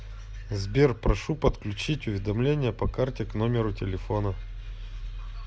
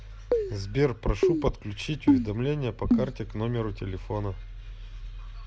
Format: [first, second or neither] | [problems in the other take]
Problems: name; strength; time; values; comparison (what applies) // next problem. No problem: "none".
first | background sound (Keyboard (musical)); 3 dB above the speech